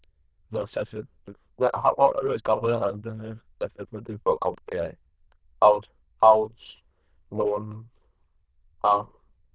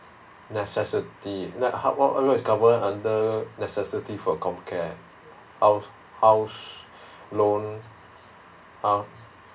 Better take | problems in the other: second | noise reduction (neural diffusion model UNIVERSE++)

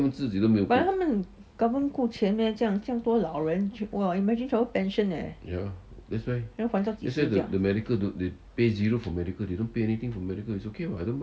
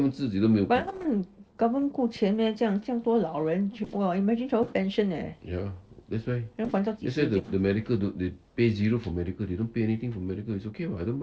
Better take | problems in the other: first | noise reduction (neural separator model SepFormer DNS4)

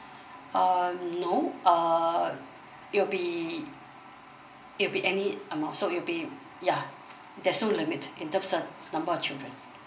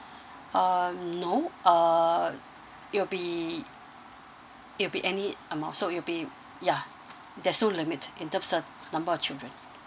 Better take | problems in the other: second | room echo; dies away in 0.5 s

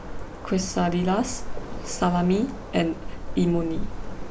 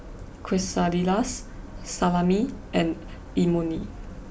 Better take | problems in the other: second | background sound (Waves, surf); 6 dB below the speech

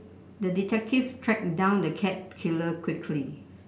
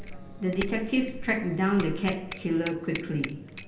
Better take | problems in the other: first | background sound (Bicycle bell); 10 dB below the speech // room echo; dies away in 0.8 s

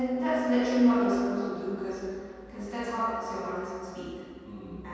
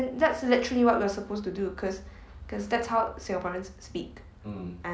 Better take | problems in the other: second | room echo; dies away in 2.1 s

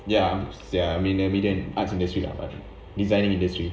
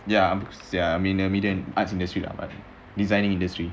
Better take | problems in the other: second | room echo; dies away in 0.6 s

